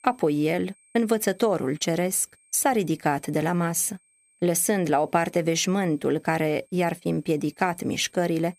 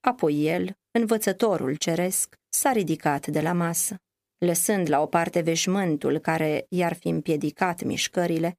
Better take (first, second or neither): second